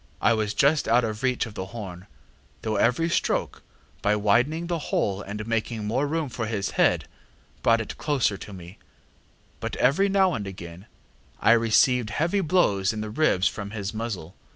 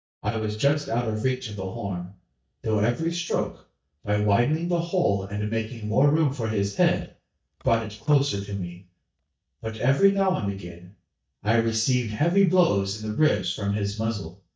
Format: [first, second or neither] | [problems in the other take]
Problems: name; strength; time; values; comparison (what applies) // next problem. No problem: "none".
first | noise reduction (neural mask model DeepFilterNet 3)